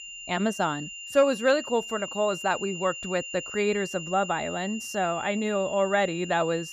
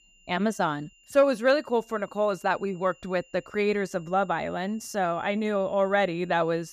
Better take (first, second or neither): second